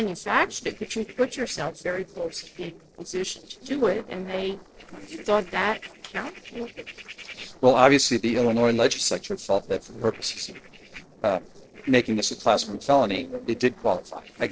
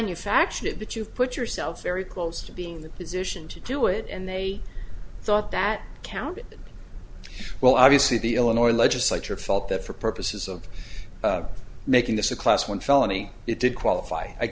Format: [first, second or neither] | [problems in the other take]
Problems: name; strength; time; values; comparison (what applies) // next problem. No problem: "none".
second | noise reduction (neural separator model SepFormer DNS4)